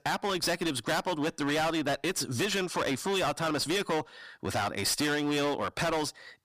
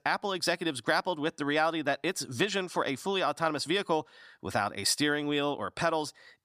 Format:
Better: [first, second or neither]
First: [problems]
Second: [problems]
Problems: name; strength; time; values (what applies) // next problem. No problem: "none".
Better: second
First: distortion; heavy; 25% of the sound clipped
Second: none